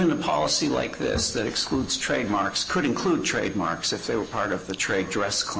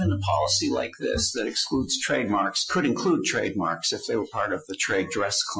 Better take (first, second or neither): first